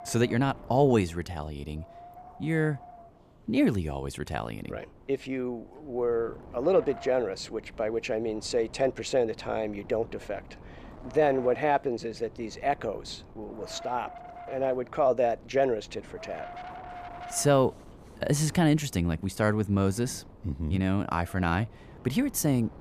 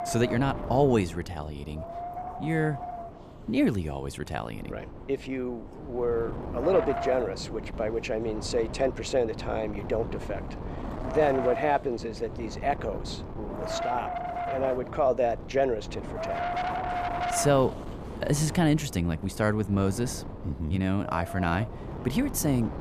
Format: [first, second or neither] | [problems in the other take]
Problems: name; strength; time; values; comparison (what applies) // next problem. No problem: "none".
first | wind noise on the microphone; heavy; 6 dB below the speech; occasional gusts in the first